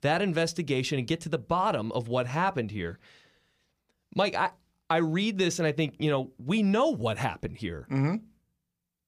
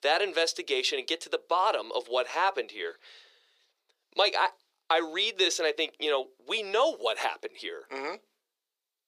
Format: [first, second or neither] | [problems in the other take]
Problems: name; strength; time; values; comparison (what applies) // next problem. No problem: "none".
first | thin; very; fading below 400 Hz